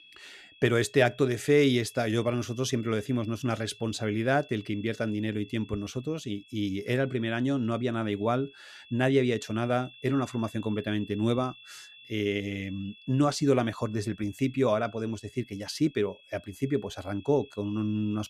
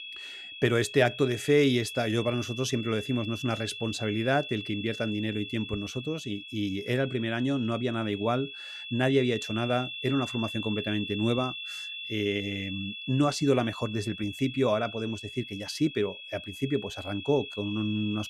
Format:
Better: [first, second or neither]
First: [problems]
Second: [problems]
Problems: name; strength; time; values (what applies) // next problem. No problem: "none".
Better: first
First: high-pitched whine; faint; throughout; 3.5 kHz, 20 dB below the speech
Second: high-pitched whine; loud; throughout; 3.5 kHz, 9 dB below the speech